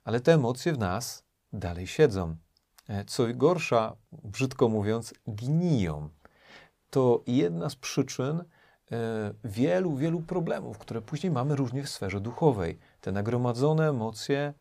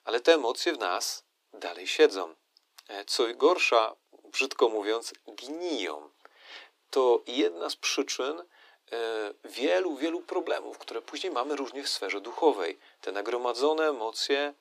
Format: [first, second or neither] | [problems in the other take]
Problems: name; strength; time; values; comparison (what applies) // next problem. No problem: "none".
first | thin; very; fading below 300 Hz